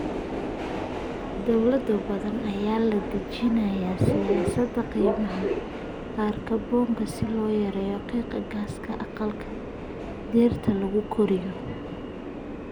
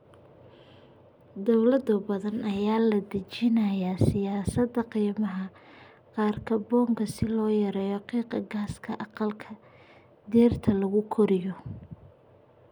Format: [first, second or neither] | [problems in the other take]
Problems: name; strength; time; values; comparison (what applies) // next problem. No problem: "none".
second | background sound (Subway, metro, underground); 5 dB below the speech